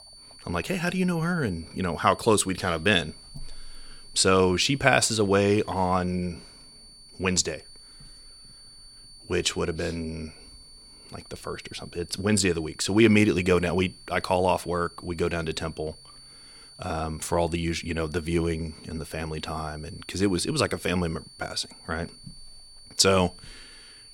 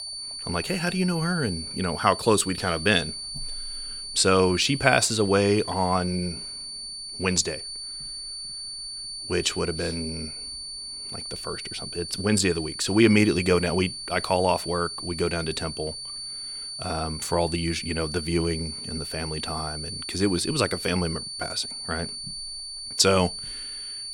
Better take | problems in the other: first | high-pitched whine; loud; throughout; 4.5 kHz, 8 dB below the speech; faint in the first

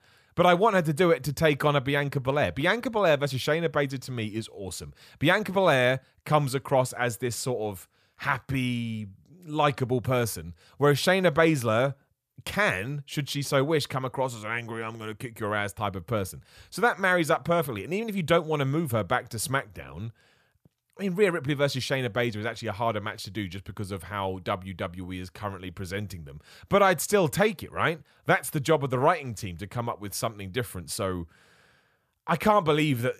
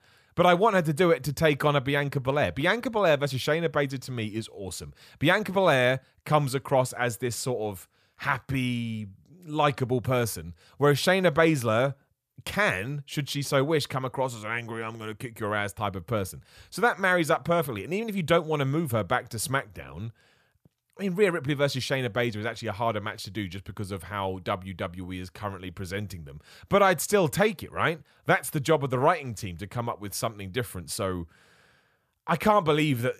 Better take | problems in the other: neither | none

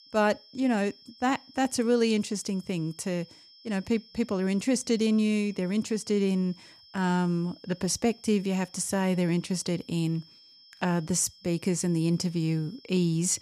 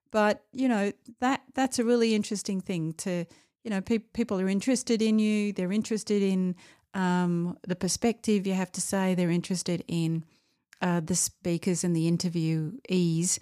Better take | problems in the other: second | high-pitched whine; faint; throughout; 5.5 kHz, 25 dB below the speech

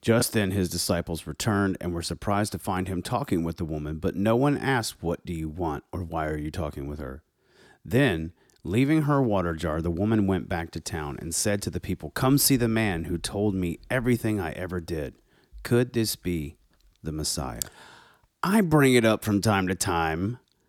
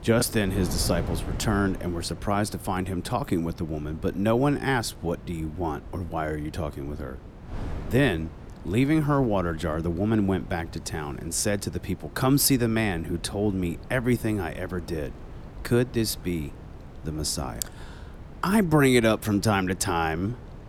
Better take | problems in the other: first | wind noise on the microphone; occasional gusts; 20 dB below the speech

